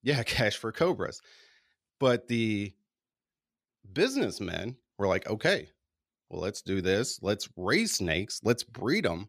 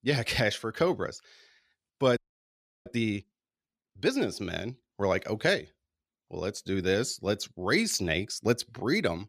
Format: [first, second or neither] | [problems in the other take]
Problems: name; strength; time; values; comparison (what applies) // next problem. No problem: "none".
first | audio freezing; at 2 s for 0.5 s